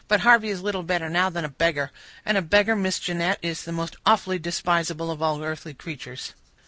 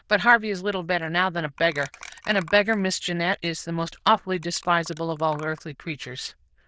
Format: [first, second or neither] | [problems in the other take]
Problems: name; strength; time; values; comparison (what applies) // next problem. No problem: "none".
first | noise reduction (neural diffusion model UNIVERSE++)